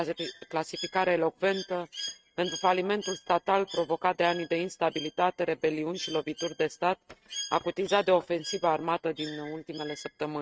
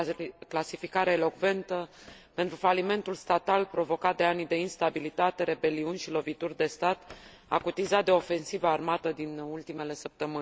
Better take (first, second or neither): second